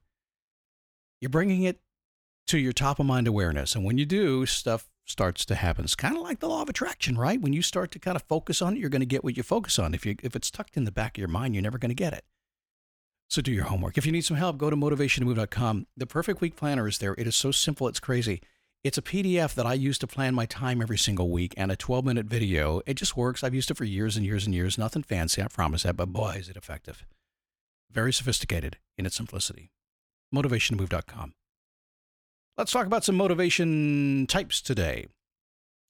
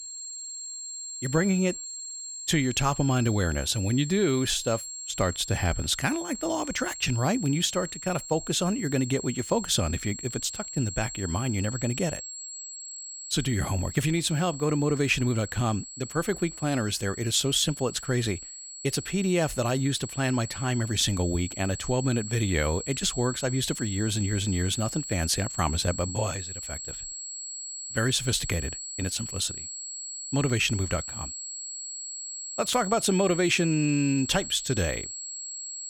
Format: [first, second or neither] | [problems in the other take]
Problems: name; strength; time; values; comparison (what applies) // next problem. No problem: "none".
first | high-pitched whine; loud; throughout; 7.5 kHz, 9 dB below the speech